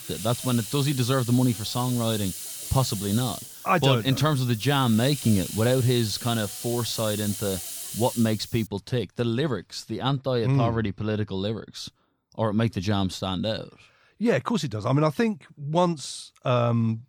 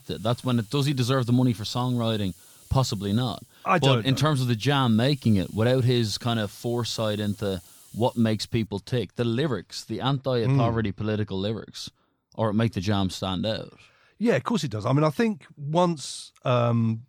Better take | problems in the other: second | hiss; loud; until 8.5 s; 9 dB below the speech; faint in the second

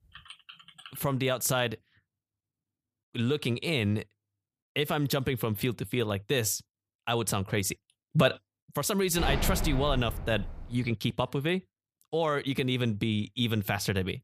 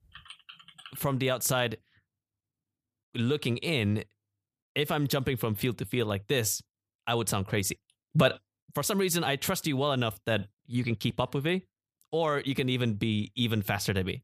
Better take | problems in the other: second | door banging; noticeable; from 9 to 11 s; peak 2 dB below the speech

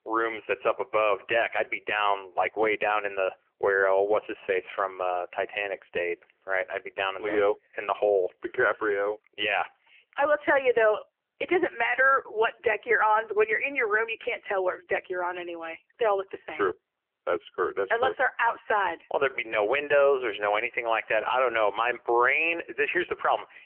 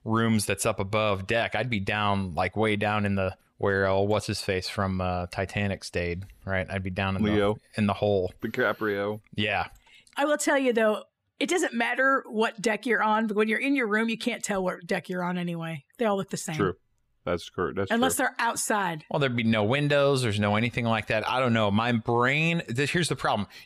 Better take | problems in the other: second | phone-call audio; poor line; nothing above 3 kHz

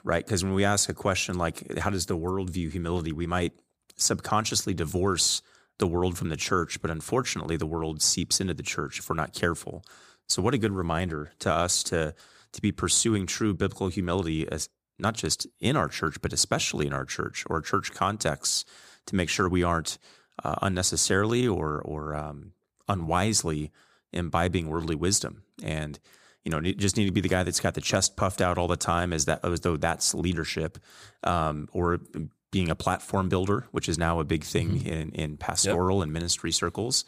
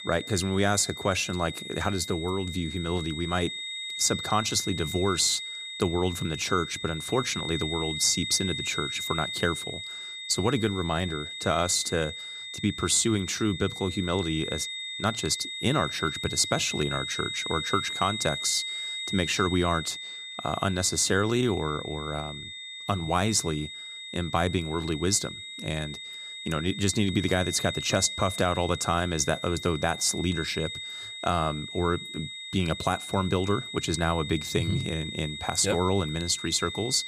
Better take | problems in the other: first | high-pitched whine; loud; throughout; 3.5 kHz, 7 dB below the speech

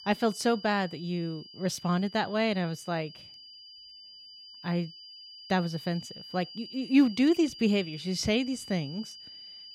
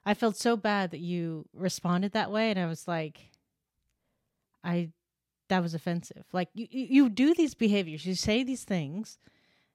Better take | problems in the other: second | high-pitched whine; noticeable; throughout; 5 kHz, 15 dB below the speech

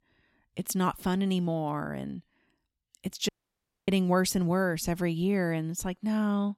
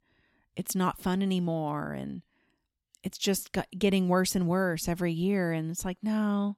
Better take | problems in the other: second | audio cutting out; at 3.5 s for 0.5 s

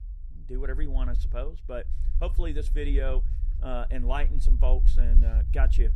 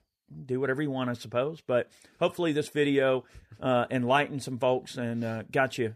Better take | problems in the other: second | low rumble; noticeable; throughout; 15 dB below the speech

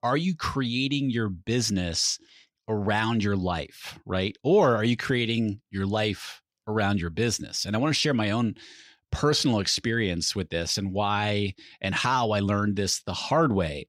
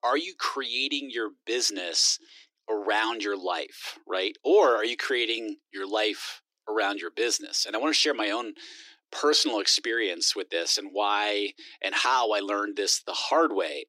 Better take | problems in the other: first | thin; very; fading below 300 Hz

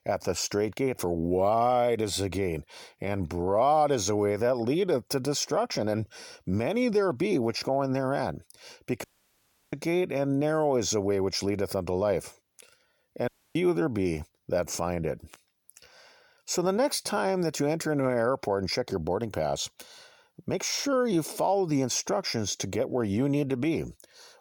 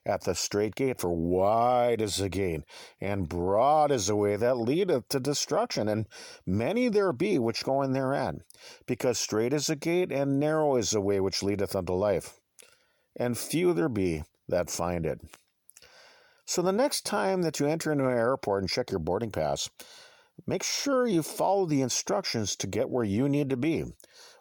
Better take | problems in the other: second | audio cutting out; at 9 s for 0.5 s and at 13 s

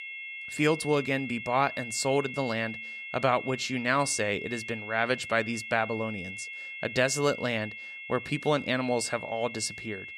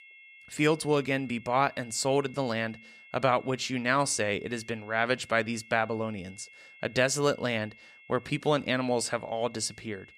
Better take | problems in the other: second | high-pitched whine; loud; throughout; 2 kHz, 9 dB below the speech; faint in the second

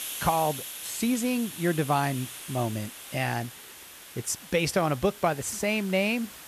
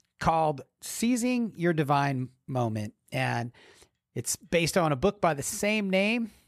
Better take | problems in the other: second | hiss; noticeable; throughout; 10 dB below the speech

